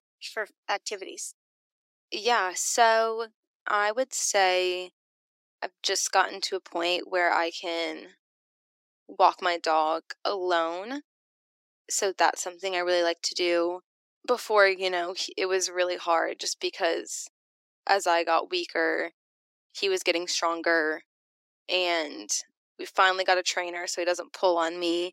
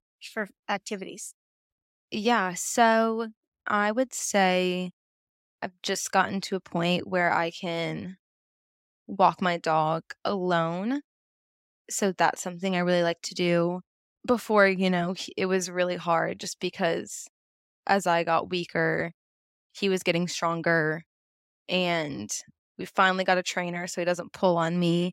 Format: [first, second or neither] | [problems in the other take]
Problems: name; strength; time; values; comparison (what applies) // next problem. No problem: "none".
second | thin; very; fading below 300 Hz